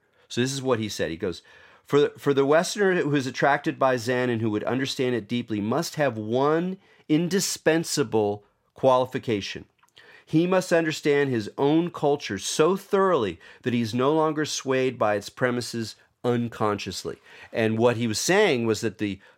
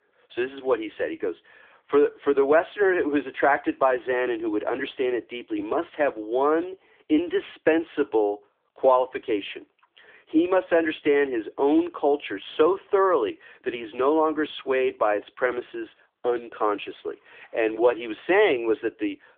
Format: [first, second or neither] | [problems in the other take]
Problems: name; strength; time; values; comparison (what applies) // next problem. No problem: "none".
first | phone-call audio; nothing above 3.5 kHz